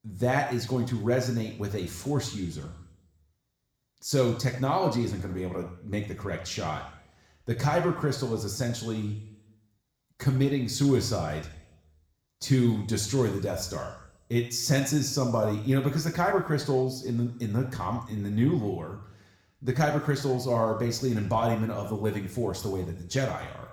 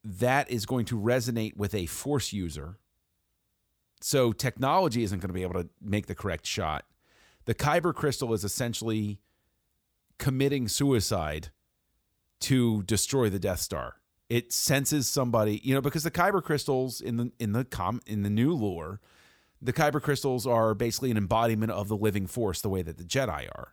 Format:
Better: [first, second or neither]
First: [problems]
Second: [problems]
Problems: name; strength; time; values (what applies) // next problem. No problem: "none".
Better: second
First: room echo; slight; dies away in 0.7 s // off-mic speech; somewhat distant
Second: none